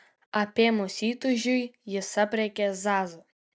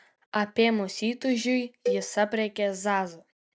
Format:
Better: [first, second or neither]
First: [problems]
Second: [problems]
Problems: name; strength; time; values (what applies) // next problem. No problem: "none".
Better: first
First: none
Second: background sound (Cowbell); 8 dB below the speech